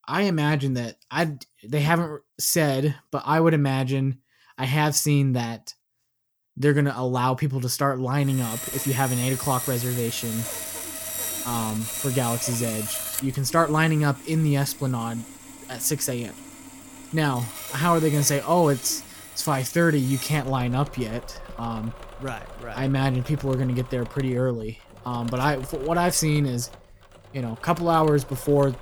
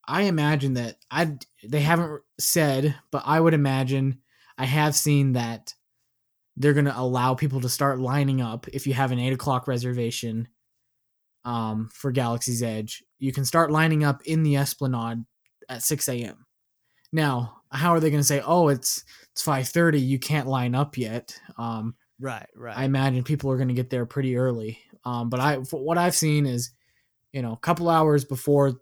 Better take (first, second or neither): second